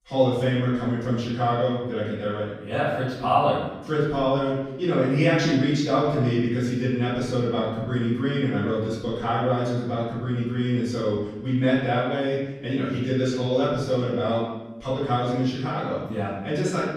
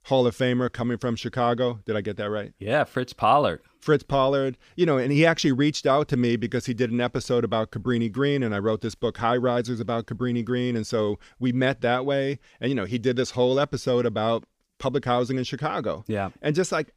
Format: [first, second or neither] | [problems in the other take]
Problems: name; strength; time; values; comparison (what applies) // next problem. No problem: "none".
second | room echo; noticeable; dies away in 0.9 s // off-mic speech; far